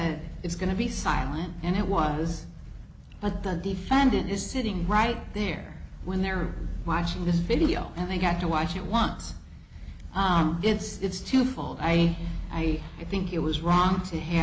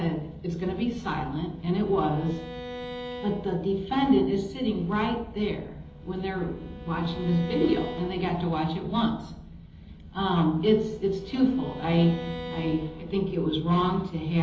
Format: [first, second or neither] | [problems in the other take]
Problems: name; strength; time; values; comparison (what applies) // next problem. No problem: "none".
first | background sound (Bowed string instrument); 16 dB below the speech // room echo; dies away in 1.2 s